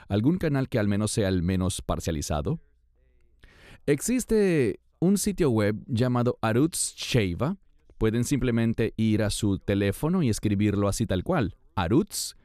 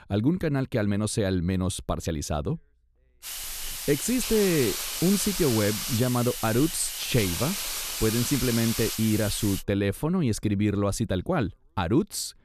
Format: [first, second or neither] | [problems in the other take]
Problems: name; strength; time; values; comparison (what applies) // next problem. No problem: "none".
first | hiss; loud; from 3 to 9.5 s; 4 dB below the speech